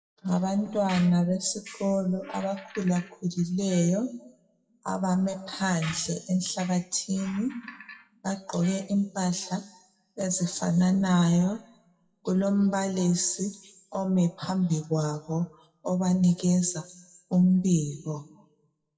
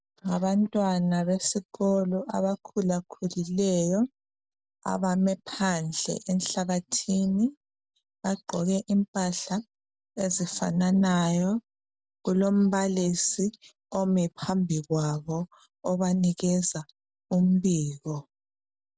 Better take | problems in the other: second | noise reduction (classical method WPE with log-MMSE)

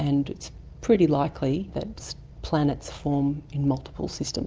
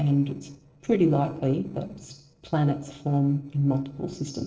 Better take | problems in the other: first | noise reduction (neural separator model SepFormer DNS4)

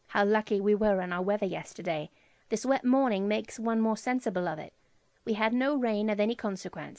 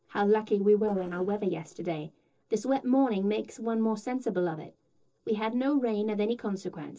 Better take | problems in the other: first | noise reduction (neural separator model SepFormer DNS4)

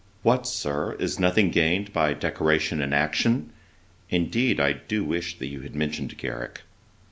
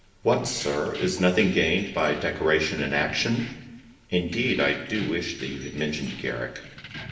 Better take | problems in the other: first | background sound (Keys jangling); 14 dB below the speech // room echo; dies away in 1.1 s

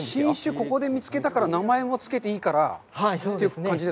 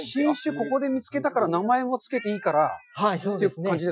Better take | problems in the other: first | noise reduction (classical method Wiener filter)

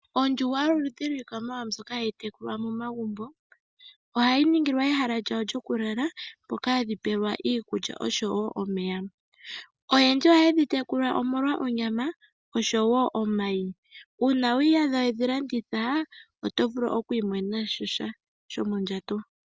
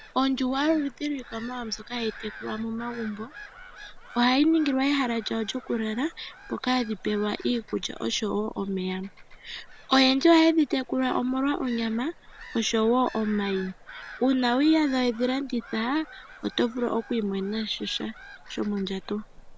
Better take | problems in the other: first | background sound (Gull, seagull / Bird vocalization, bird call, bird song); 18 dB below the speech

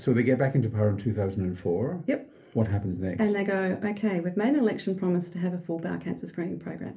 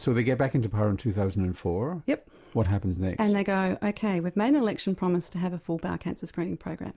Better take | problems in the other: second | room echo; dies away in 0.3 s

